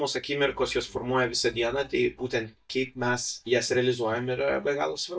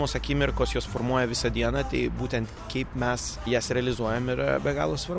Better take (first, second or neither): second